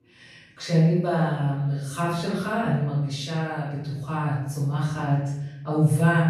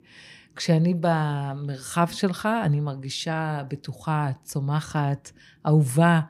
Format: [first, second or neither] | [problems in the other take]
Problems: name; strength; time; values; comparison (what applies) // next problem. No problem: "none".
second | off-mic speech; far // room echo; noticeable; dies away in 0.8 s